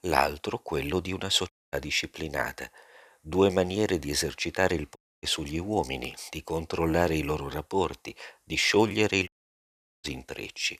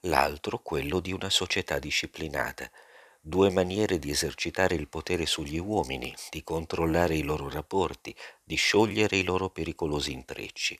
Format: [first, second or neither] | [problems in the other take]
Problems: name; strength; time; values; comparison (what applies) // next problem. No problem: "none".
second | audio cutting out; at 1.5 s, at 5 s and at 9.5 s for 1 s